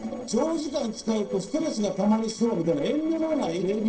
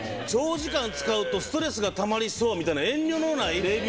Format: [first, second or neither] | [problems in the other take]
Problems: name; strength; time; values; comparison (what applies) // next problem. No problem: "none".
second | noise reduction (neural separator model SepFormer DNS4)